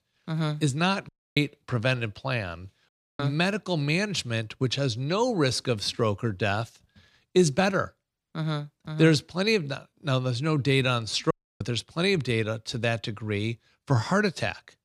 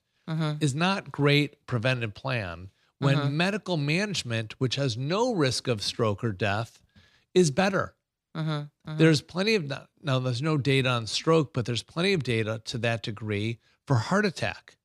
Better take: second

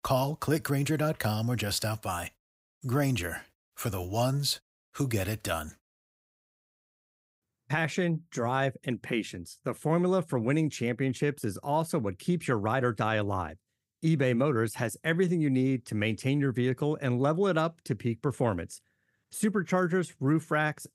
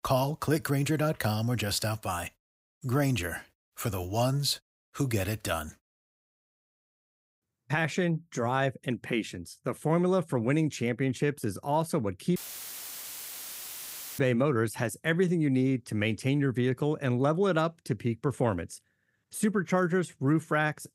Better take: first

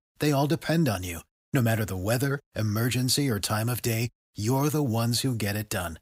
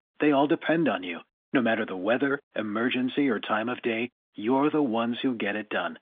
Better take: first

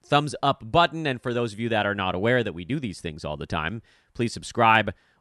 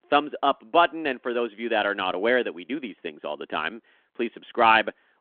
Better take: first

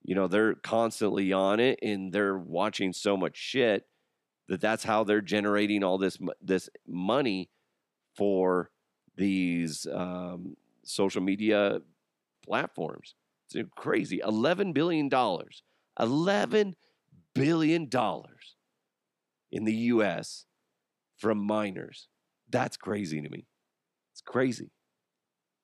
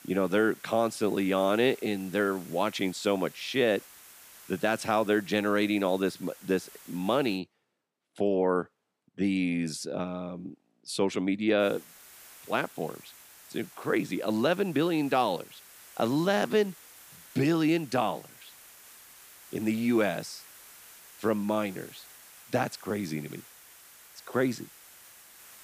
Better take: first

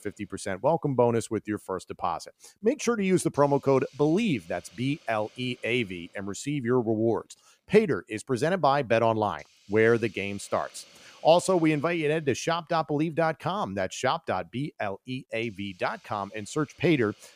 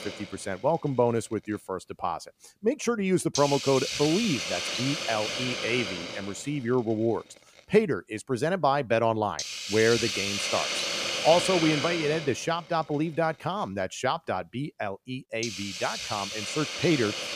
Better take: first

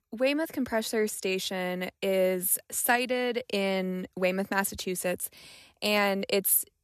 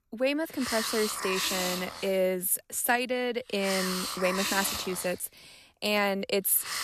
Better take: first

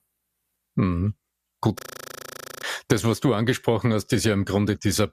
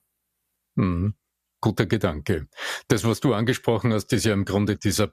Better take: second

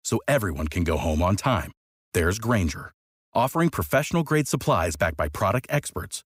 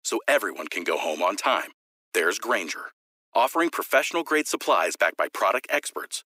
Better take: first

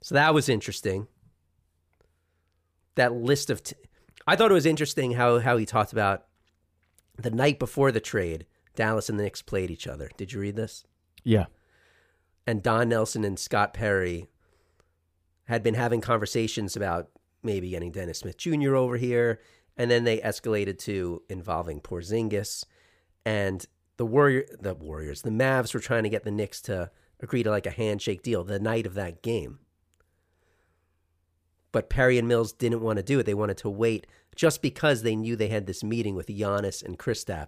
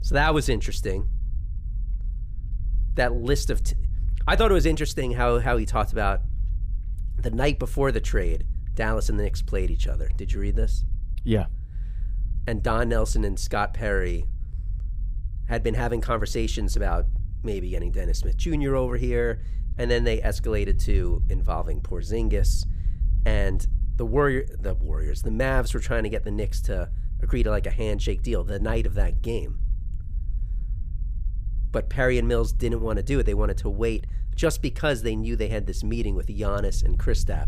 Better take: first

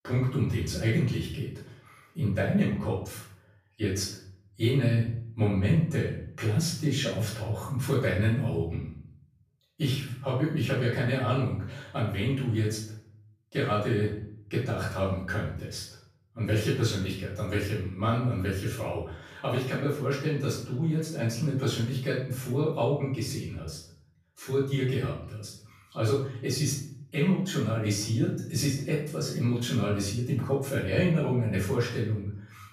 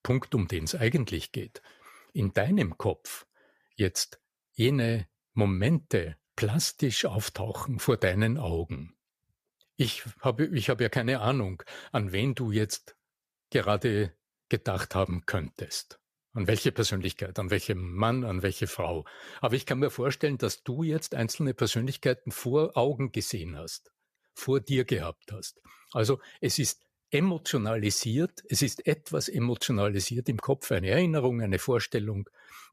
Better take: second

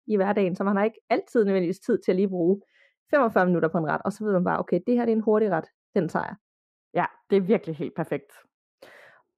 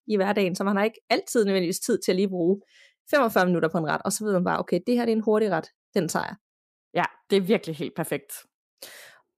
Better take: second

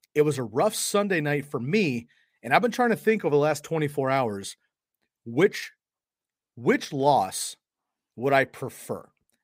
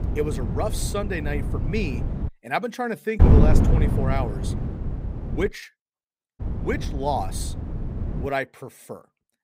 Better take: first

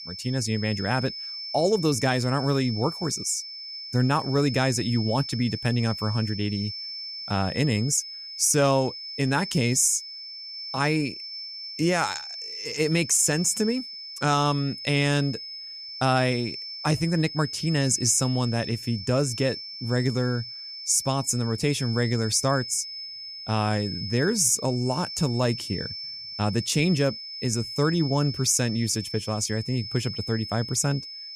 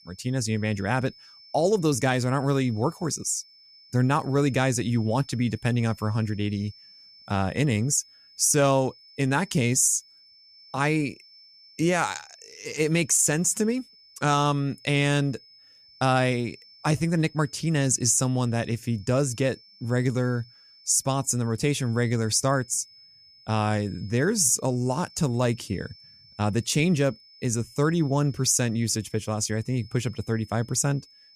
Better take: second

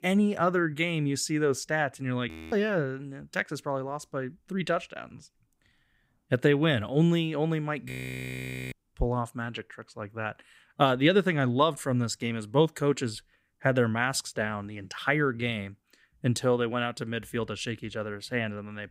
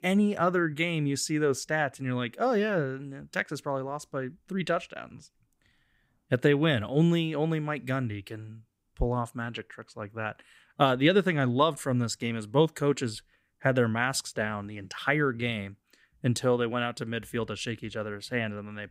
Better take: second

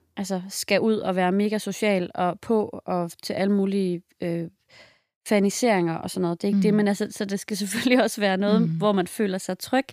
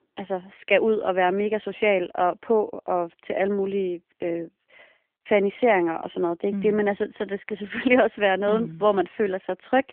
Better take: first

